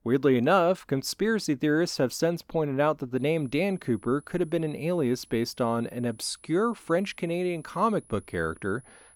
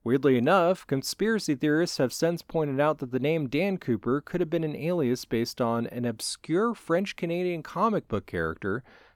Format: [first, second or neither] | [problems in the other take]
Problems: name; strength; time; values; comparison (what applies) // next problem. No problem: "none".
second | high-pitched whine; faint; from 3 s on; 10 kHz, 30 dB below the speech